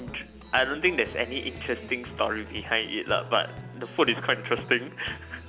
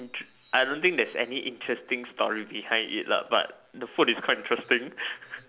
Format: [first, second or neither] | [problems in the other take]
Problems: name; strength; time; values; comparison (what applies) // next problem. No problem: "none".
second | background sound (Guitar); 13 dB below the speech